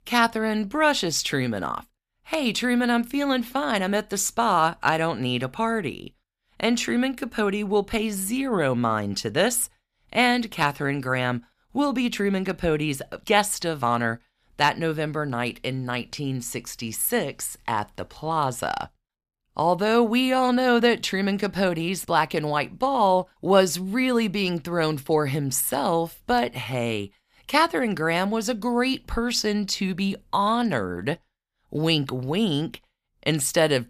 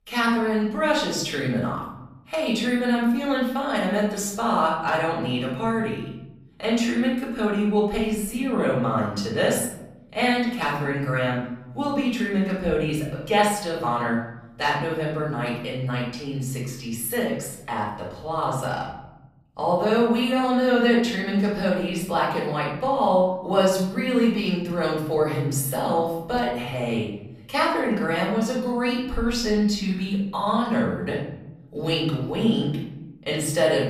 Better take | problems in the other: first | off-mic speech; far // room echo; noticeable; dies away in 0.9 s

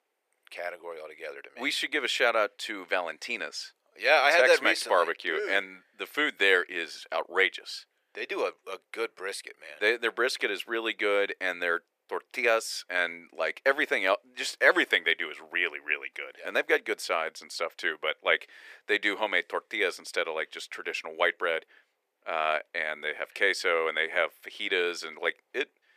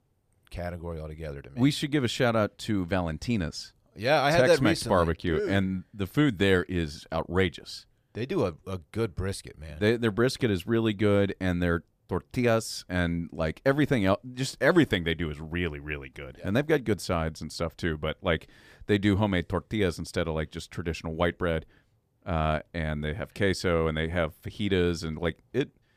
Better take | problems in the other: second | thin; very; fading below 400 Hz

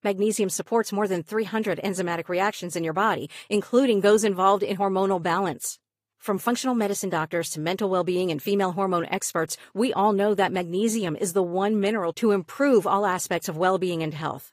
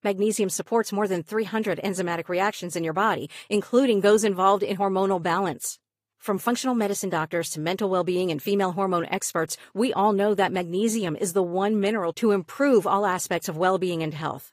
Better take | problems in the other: neither | garbled, watery; slightly; nothing above 15 kHz; the same in both

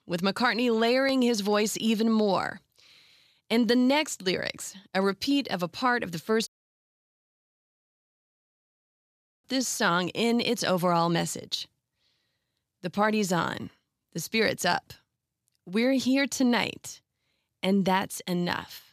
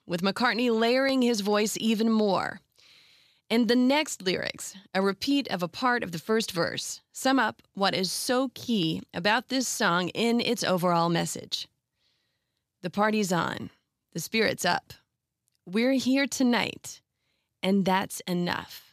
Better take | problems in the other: second | audio cutting out; at 6.5 s for 3 s

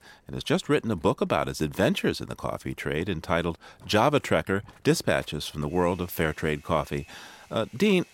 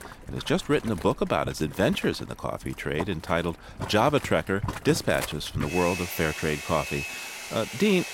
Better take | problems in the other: first | household noises; loud; throughout; 9 dB below the speech; faint in the first

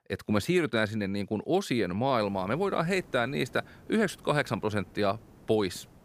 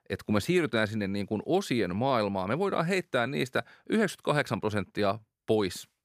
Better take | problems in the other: second | hiss; faint; from 2 s on; 25 dB below the speech

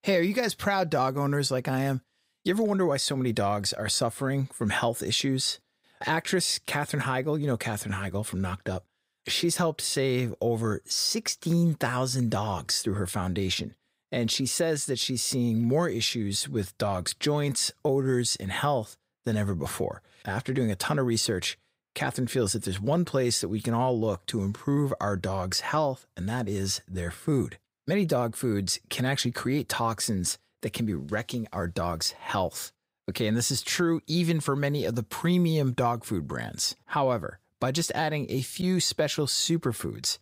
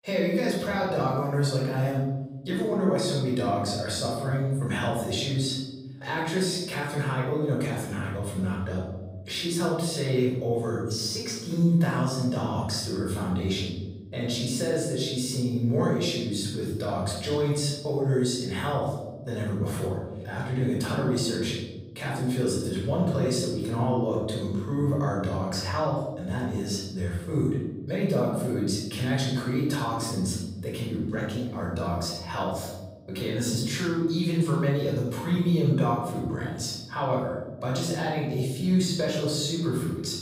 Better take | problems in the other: first | off-mic speech; far // room echo; noticeable; dies away in 1.4 s

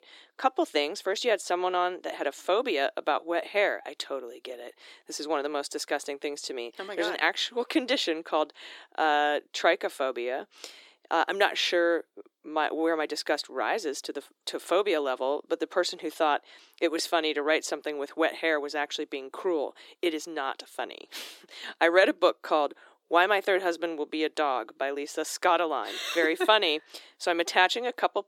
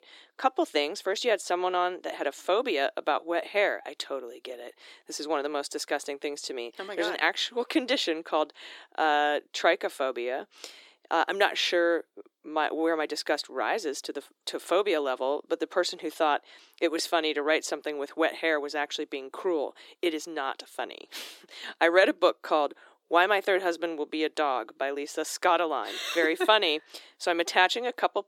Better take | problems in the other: neither | thin; somewhat; fading below 300 Hz; the same in both

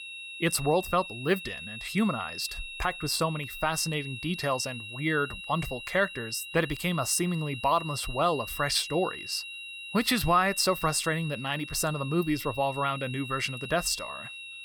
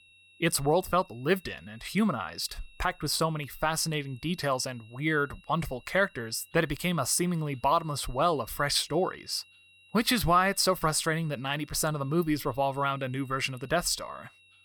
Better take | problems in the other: second | high-pitched whine; loud; throughout; 3 kHz, 10 dB below the speech; faint in the second

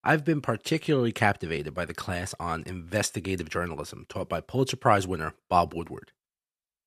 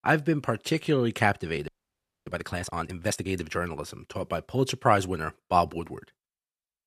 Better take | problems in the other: first | audio freezing; at 1.5 s for 0.5 s

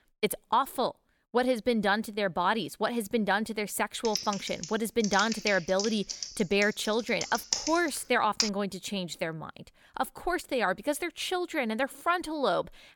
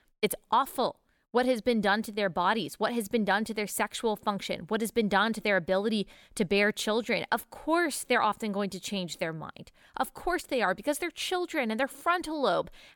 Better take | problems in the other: second | keyboard typing; noticeable; from 4 to 8.5 s; peak 1 dB below the speech

